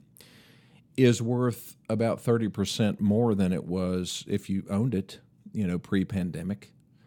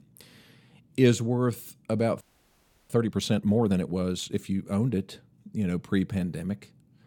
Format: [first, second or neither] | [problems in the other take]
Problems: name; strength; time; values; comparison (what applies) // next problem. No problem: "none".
first | audio freezing; at 2 s for 0.5 s